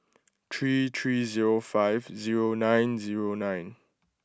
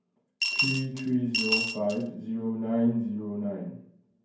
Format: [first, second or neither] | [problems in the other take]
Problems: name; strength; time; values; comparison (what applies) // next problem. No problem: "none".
first | background sound (Coin (dropping) / Glass); as loud as the speech // room echo; dies away in 0.9 s